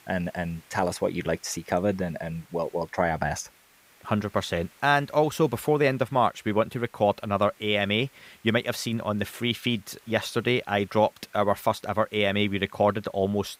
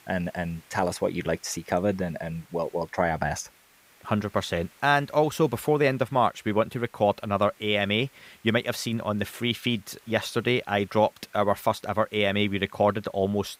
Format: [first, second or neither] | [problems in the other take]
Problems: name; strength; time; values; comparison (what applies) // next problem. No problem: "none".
neither | hiss; faint; throughout; 30 dB below the speech; the same in both